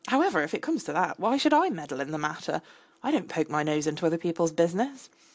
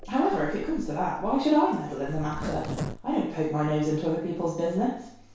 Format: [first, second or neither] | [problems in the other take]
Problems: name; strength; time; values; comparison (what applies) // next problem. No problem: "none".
first | background sound (Zipper (clothing)); 11 dB below the speech // room echo; dies away in 0.6 s